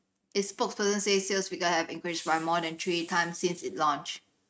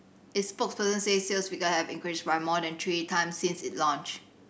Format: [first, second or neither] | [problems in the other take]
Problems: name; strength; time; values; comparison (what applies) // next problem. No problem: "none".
second | noise reduction (neural mask model RNNoise)